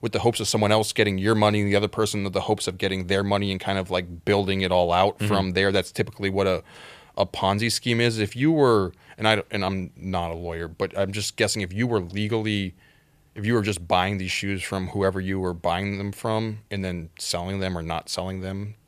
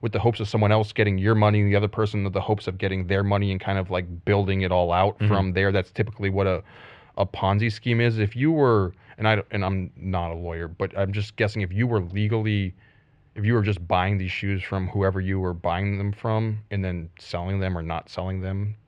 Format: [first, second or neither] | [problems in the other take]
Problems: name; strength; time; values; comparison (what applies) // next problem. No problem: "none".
first | muffled; slightly; fading above 2.5 kHz